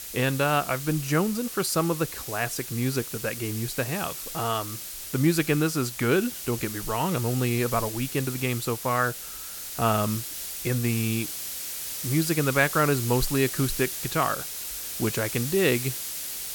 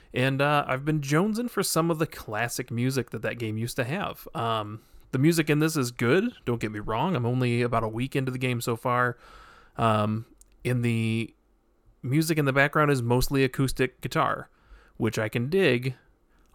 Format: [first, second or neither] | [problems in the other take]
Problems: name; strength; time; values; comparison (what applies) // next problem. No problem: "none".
second | hiss; loud; throughout; 6 dB below the speech